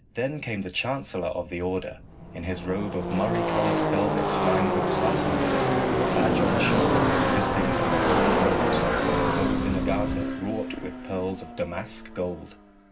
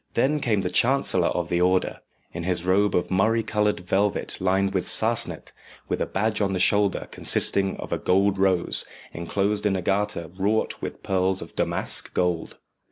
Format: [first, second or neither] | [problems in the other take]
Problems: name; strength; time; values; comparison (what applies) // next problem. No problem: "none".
second | background sound (Car passing by / Race car, auto racing); 5 dB above the speech // room echo; dies away in 0.4 s